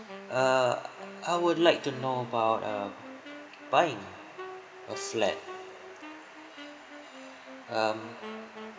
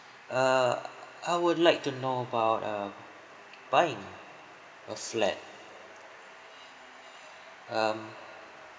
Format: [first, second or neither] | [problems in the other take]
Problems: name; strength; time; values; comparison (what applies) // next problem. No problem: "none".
second | background sound (Wind instrument, woodwind instrument); 15 dB below the speech